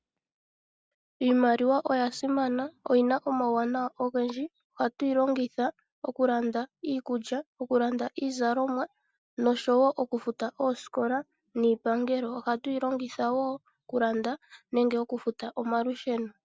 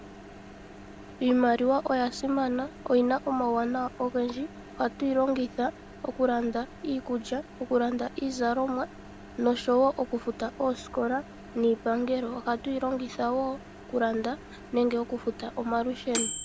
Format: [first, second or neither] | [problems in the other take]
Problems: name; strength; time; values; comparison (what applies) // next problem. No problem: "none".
first | background sound (Microwave oven); 14 dB below the speech